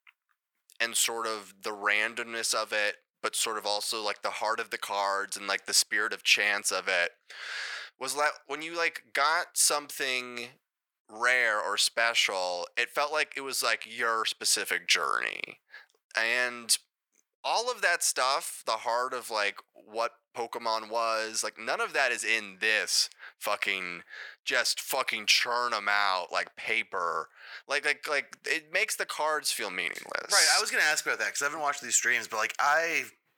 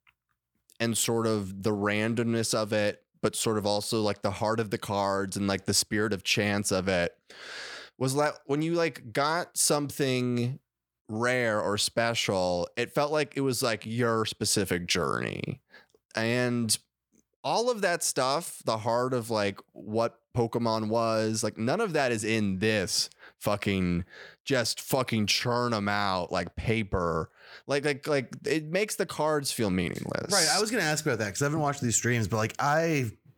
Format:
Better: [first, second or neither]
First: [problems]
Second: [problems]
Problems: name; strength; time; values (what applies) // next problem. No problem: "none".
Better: second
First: thin; very; fading below 750 Hz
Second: none